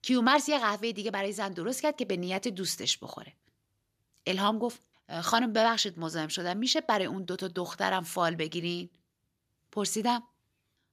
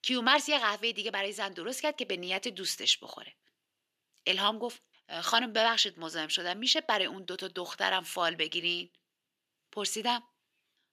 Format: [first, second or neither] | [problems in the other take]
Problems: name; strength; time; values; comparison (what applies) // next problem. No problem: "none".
first | thin; very slightly; fading below 300 Hz